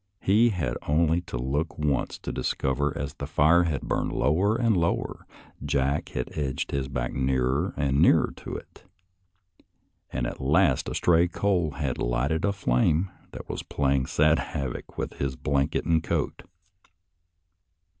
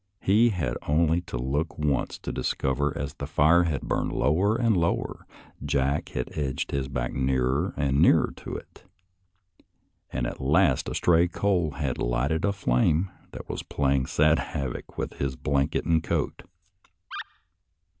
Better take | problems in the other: first | background sound (Animal); 16 dB below the speech

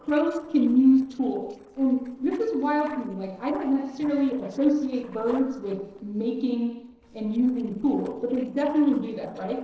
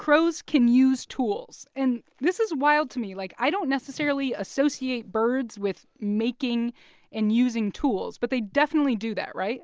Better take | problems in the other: second | noise reduction (neural separator model SepFormer DNS4)

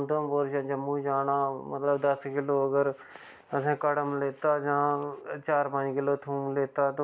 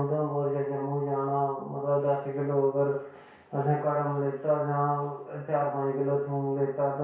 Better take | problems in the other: first | room echo; dies away in 0.6 s

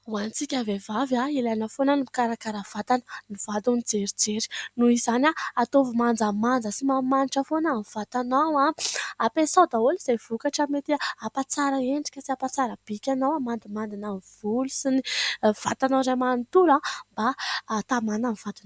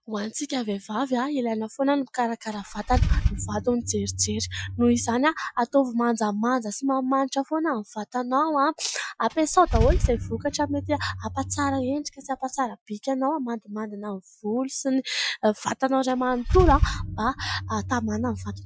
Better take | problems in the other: first | noise reduction (classical method Wiener filter)

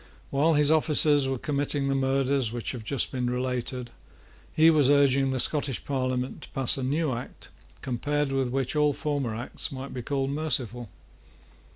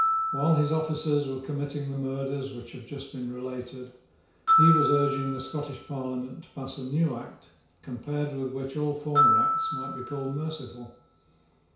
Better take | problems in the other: first | background sound (Glockenspiel); 1 dB below the speech // room echo; dies away in 0.6 s

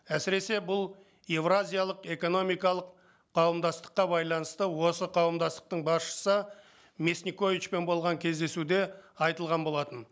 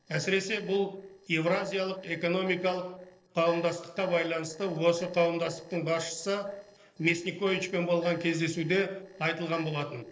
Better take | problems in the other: first | noise reduction (neural separator model SepFormer DNS4)

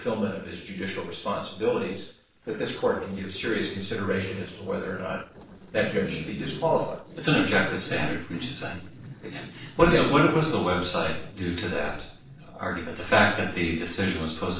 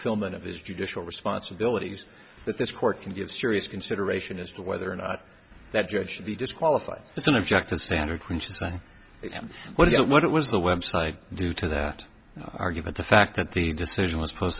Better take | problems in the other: second | noise reduction (neural separator model SepFormer DNS4)

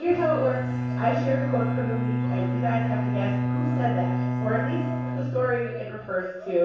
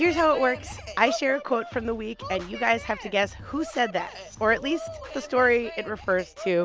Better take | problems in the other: second | background sound (Bowed string instrument); 1 dB above the speech // room echo; dies away in 0.7 s

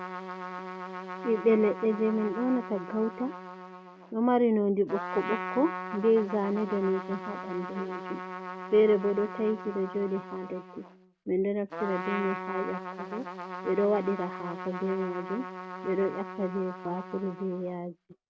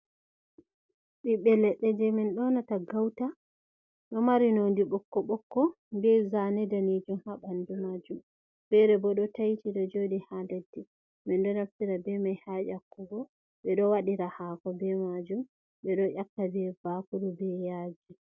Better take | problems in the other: second | background sound (Trumpet); 9 dB below the speech

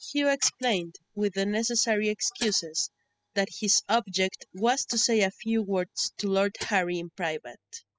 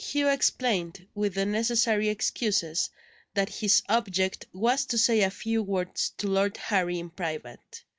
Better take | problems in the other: second | noise reduction (classical method spectral subtraction)

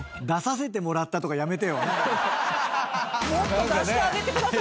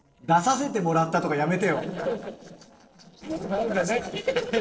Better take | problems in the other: first | noise reduction (neural separator model SepFormer DNS4)

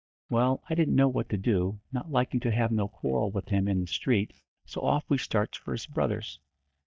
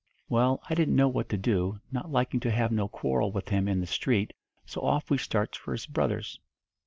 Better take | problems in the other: second | noise reduction (neural mask model DeepFilterNet 3)

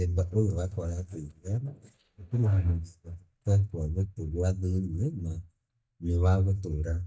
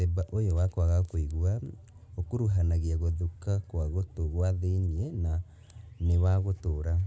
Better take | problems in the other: second | noise reduction (neural mask model DeepFilterNet 3)

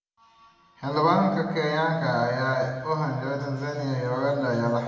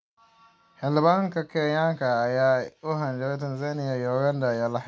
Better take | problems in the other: second | room echo; dies away in 1.1 s

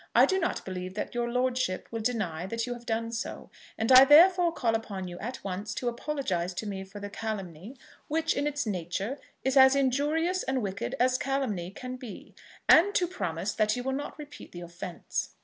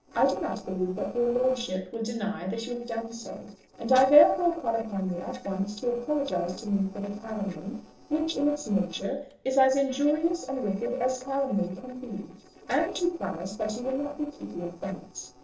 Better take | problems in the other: first | noise reduction (neural separator model SepFormer DNS4)

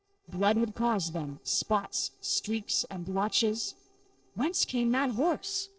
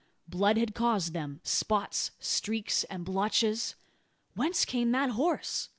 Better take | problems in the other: second | noise reduction (neural separator model SepFormer DNS4)

